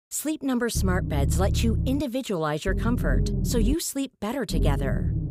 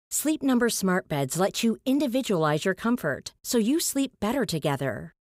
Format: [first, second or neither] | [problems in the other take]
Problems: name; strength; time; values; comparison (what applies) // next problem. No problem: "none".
second | low rumble; loud; from 1 to 2 s, from 2.5 to 3.5 s and at 4.5 s; 9 dB below the speech